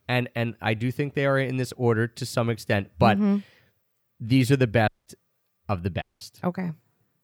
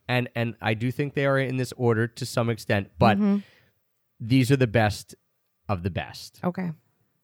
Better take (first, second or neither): second